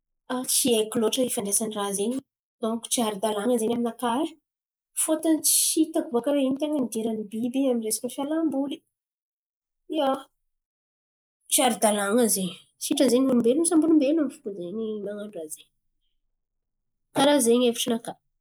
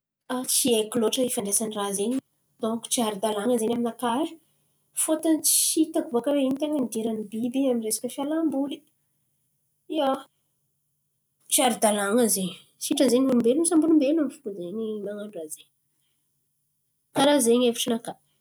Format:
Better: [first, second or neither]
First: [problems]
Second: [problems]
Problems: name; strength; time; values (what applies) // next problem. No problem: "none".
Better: second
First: noise reduction (neural mask model Resemble Enhance denoiser)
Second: none